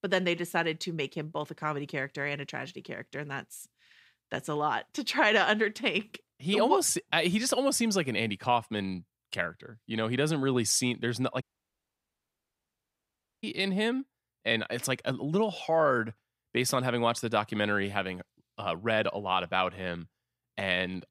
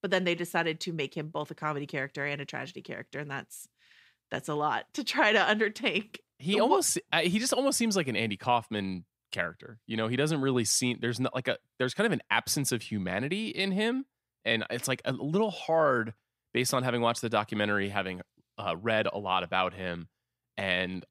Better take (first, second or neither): second